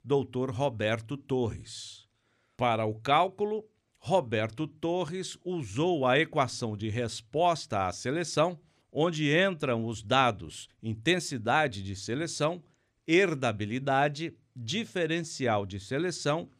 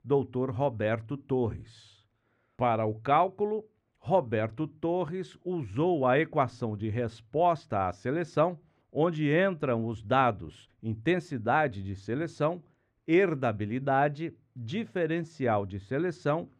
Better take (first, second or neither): first